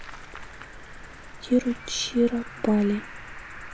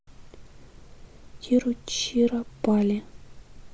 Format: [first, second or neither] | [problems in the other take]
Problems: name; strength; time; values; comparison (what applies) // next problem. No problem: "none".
second | background sound (Cricket); 15 dB below the speech